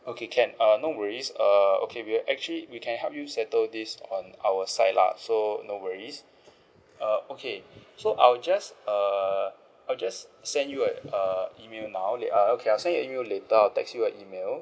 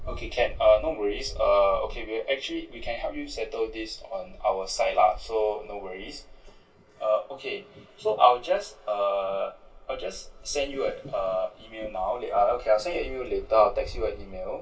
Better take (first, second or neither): first